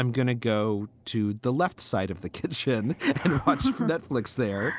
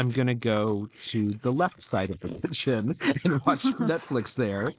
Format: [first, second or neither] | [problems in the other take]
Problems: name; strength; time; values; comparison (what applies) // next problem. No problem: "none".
first | noise reduction (neural mask model Resemble Enhance denoiser)